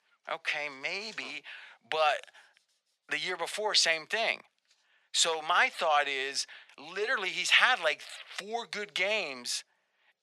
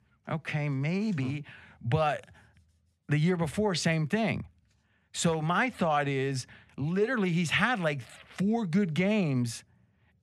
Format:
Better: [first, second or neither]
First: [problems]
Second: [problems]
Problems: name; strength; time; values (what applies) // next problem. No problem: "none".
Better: second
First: thin; very; fading below 550 Hz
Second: none